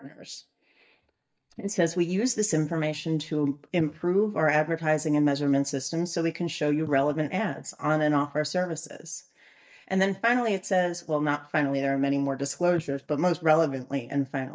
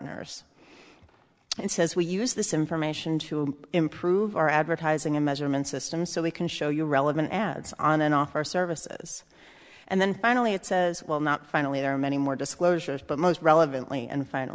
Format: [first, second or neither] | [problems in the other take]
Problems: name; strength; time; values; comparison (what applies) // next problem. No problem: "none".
second | noise reduction (neural mask model DeepFilterNet 3)